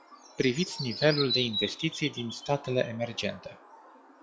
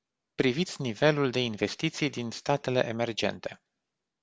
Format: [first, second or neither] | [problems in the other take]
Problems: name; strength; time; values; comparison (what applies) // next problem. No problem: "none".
second | noise reduction (classical method log-MMSE)